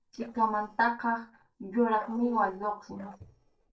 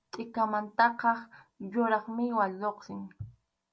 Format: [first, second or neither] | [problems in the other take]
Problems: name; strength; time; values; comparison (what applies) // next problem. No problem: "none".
second | noise reduction (neural separator model SepFormer DNS4)